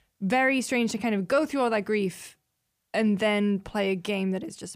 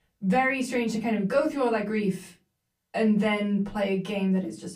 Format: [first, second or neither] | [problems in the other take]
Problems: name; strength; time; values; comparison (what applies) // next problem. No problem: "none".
first | off-mic speech; far // room echo; very slight; dies away in 0.3 s